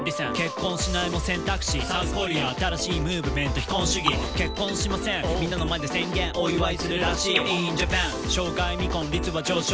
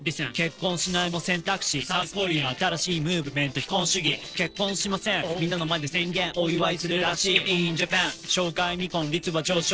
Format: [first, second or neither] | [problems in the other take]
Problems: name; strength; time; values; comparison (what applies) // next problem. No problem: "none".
first | noise reduction (neural separator model SepFormer DNS4)